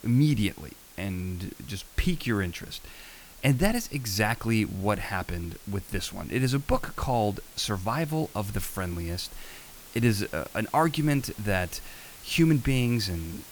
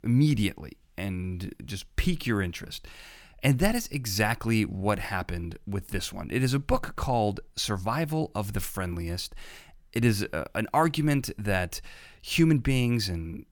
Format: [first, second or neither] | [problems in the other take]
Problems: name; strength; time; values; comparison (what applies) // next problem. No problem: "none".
second | hiss; noticeable; throughout; 20 dB below the speech